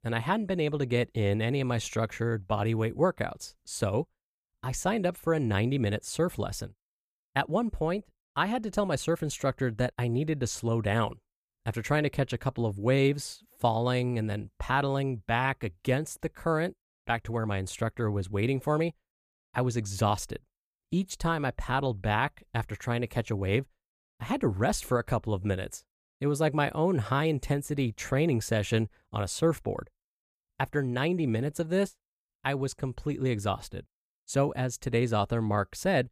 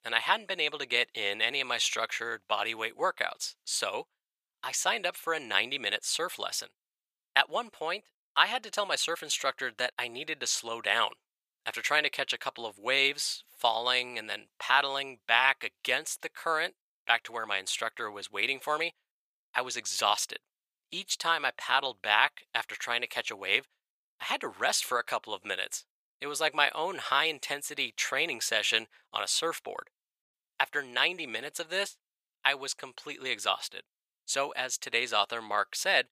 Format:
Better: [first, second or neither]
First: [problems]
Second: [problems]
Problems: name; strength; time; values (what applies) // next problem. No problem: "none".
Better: first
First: none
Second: thin; very; fading below 850 Hz